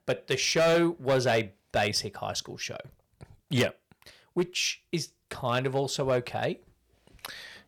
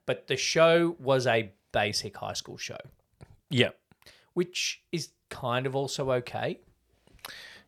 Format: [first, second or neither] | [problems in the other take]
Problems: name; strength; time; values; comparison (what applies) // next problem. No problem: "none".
second | distortion; slight; 4% of the sound clipped